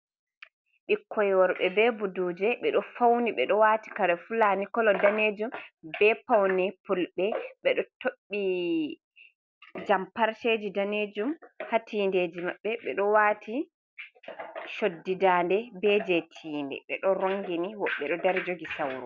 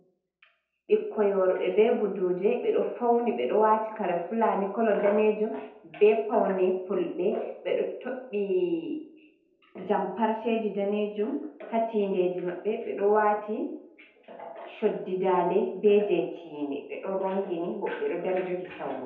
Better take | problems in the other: first | room echo; dies away in 2 s

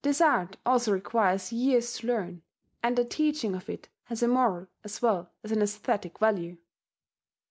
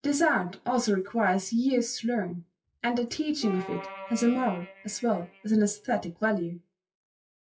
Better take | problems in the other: first | noise reduction (classical method WPE with log-MMSE)

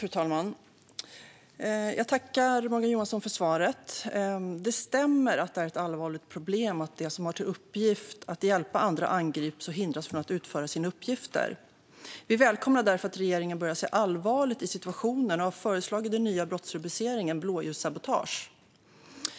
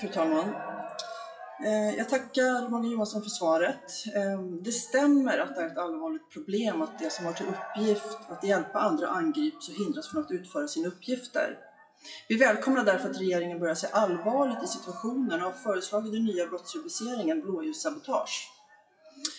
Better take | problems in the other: first | noise reduction (classical method WPE with log-MMSE)

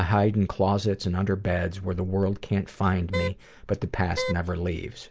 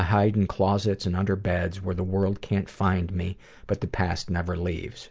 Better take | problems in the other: second | background sound (Wind instrument, woodwind instrument); 8 dB below the speech

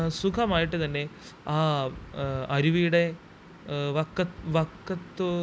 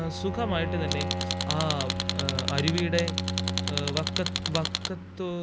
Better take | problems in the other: first | background sound (Tools + Bowed string instrument); 1 dB above the speech

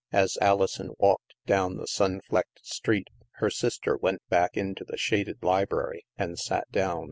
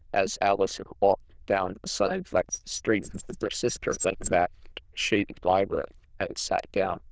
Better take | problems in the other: first | noise reduction (neural diffusion model UNIVERSE++)

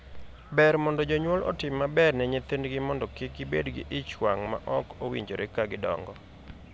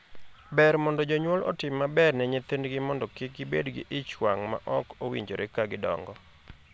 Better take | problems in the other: second | background sound (Alarm / Truck); 17 dB below the speech

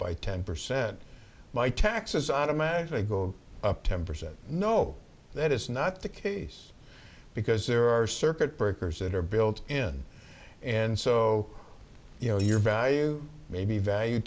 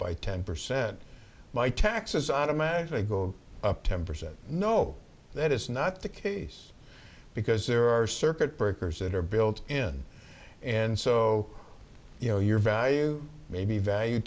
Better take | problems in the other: second | background sound (Coin (dropping)); 15 dB below the speech

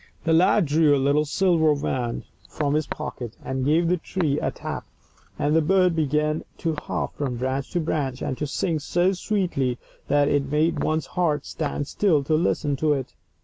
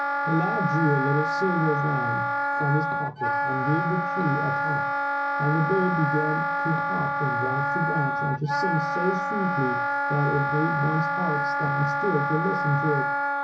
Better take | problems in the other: first | background sound (Wind instrument, woodwind instrument); 2 dB above the speech // room echo; dies away in 0.5 s

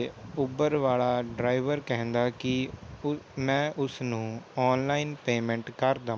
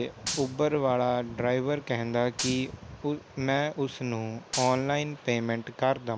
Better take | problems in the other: first | background sound (Gunshot, gunfire); 11 dB below the speech

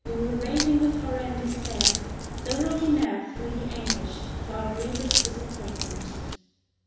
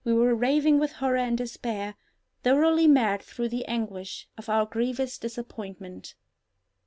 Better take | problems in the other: second | background sound (Crack); as loud as the speech // room echo; dies away in 1.1 s

